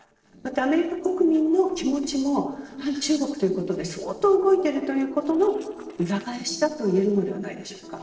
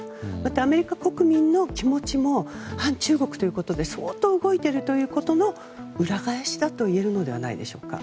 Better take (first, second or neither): second